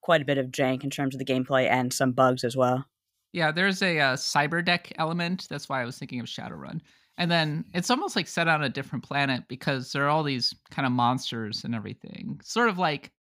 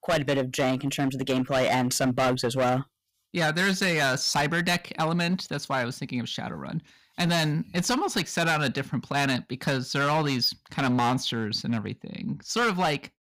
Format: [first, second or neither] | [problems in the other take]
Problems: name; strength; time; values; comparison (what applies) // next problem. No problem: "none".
first | distortion; heavy; 12% of the sound clipped